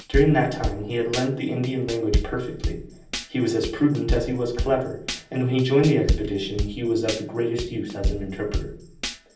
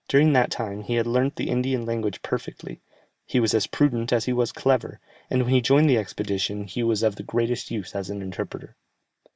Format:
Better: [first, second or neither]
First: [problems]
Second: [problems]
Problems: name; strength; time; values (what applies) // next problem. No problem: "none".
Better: second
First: background sound (Tambourine / Drum / Drum kit); 5 dB below the speech // room echo; dies away in 0.6 s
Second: none